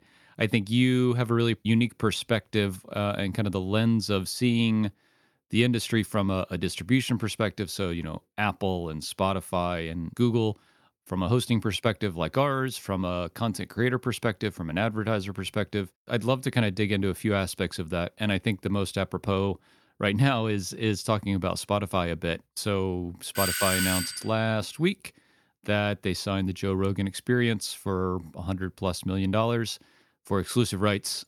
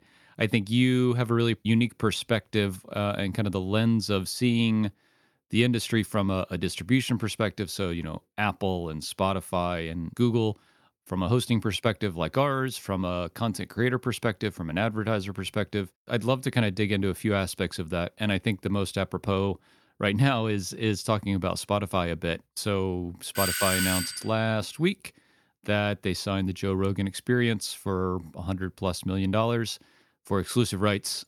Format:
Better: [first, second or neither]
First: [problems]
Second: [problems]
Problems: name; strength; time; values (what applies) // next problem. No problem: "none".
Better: neither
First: doorbell; loud; at 23 s; peak 2 dB above the speech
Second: doorbell; loud; at 23 s; peak 2 dB above the speech